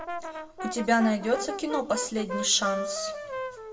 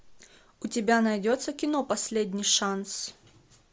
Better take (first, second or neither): second